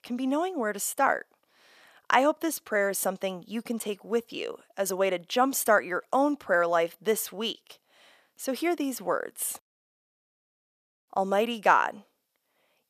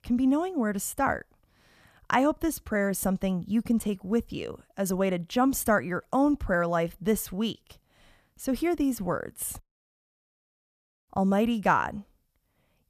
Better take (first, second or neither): second